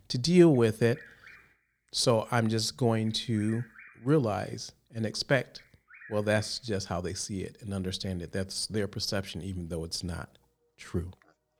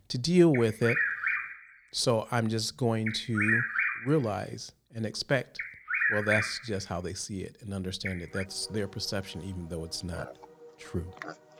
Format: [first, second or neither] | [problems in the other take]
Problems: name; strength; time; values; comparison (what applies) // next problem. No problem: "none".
first | animal sounds; loud; throughout; 1 dB below the speech; faint in the first